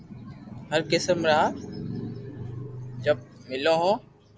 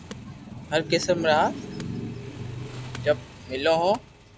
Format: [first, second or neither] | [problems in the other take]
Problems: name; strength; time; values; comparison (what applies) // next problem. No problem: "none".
first | background sound (Motorcycle / Engine + Wood / Domestic sounds, home sounds); 19 dB below the speech